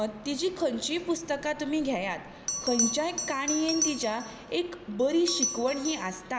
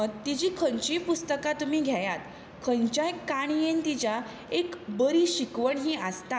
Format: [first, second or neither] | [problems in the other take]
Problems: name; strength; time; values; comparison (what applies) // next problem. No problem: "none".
second | background sound (Bell); 6 dB below the speech